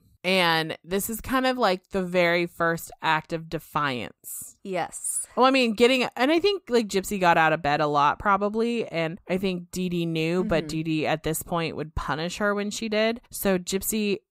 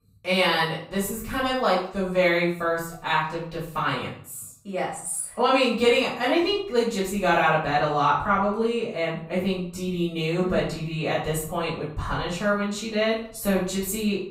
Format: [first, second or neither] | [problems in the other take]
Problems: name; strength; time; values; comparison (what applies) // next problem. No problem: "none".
first | off-mic speech; far // room echo; noticeable; dies away in 0.5 s